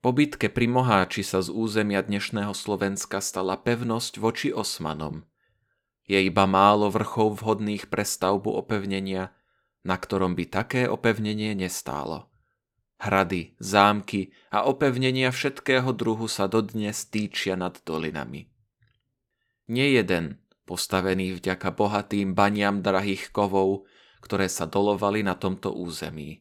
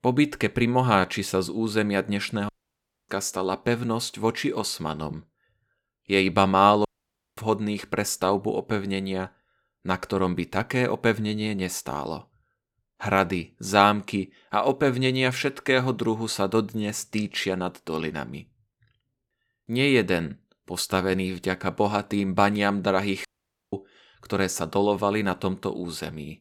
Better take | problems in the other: first | audio cutting out; at 2.5 s for 0.5 s, at 7 s for 0.5 s and at 23 s

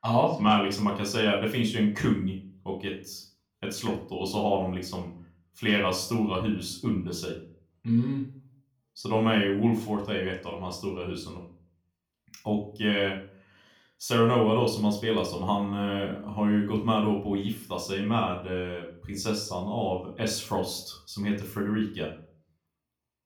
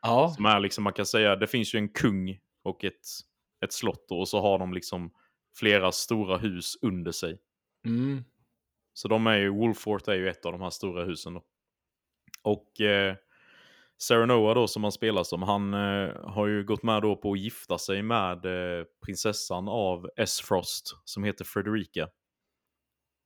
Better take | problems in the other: second | off-mic speech; somewhat distant // room echo; slight; dies away in 0.4 s

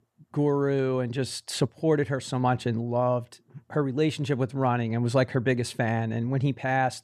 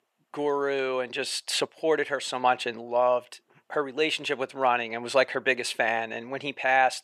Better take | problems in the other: first | thin; very; fading below 600 Hz

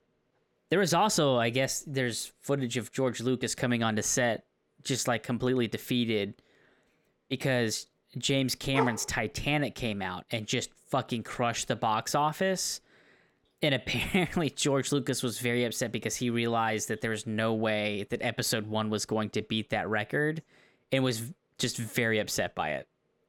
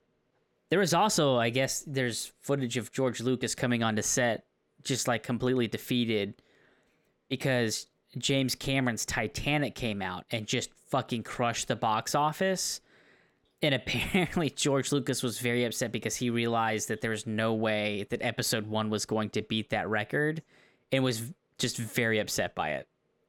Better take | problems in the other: second | dog barking; noticeable; at 9 s; peak 3 dB below the speech

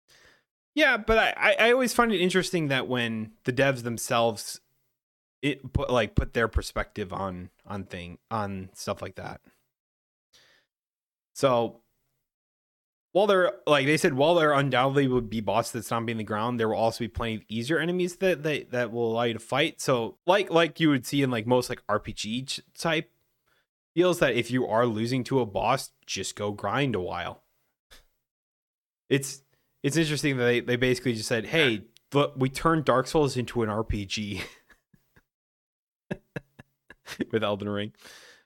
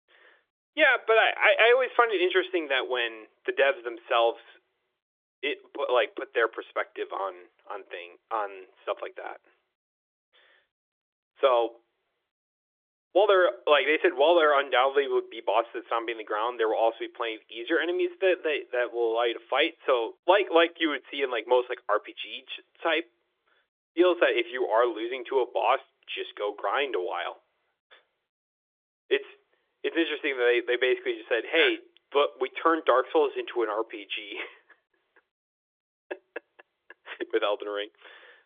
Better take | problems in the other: first | phone-call audio; nothing above 3.5 kHz

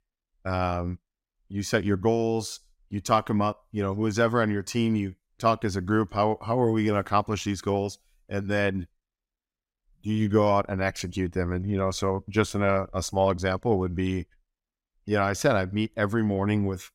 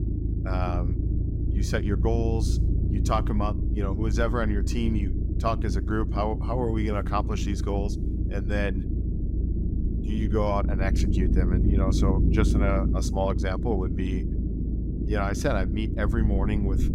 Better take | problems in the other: first | low rumble; loud; throughout; 7 dB below the speech

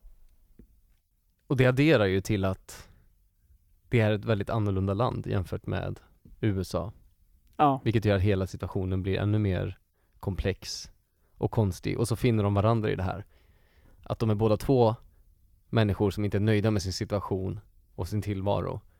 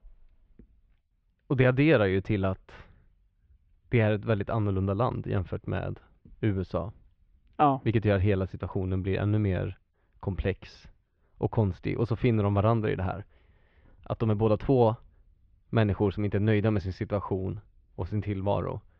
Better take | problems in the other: first | muffled; very; fading above 3 kHz

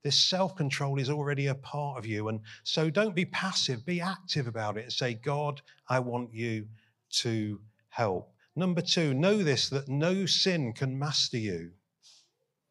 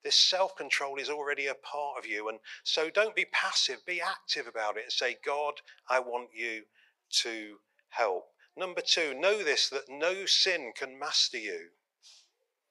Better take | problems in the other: first | thin; very; fading below 400 Hz

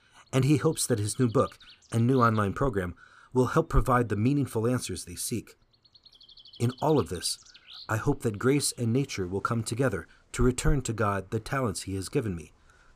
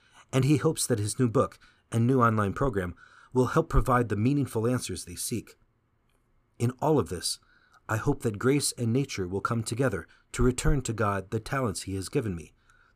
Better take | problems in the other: second | animal sounds; faint; throughout; 25 dB below the speech

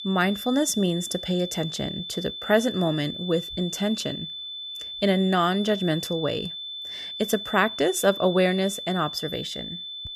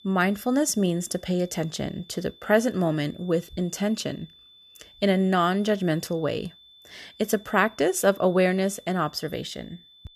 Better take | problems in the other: second | high-pitched whine; loud; throughout; 3.5 kHz, 8 dB below the speech; faint in the second

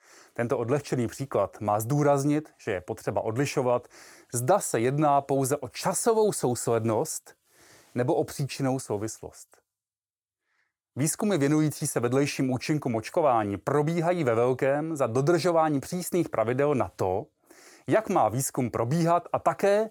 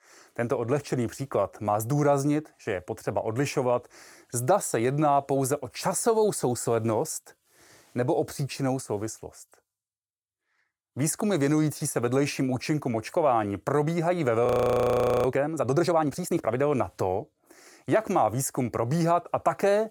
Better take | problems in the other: first | audio freezing; at 14 s for 1 s

